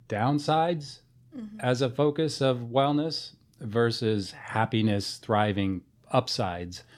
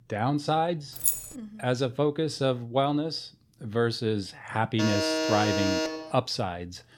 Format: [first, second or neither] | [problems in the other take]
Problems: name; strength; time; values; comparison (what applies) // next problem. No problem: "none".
first | jangling keys; loud; at 1 s; peak 3 dB above the speech // alarm; loud; from 5 to 6 s; peak 2 dB above the speech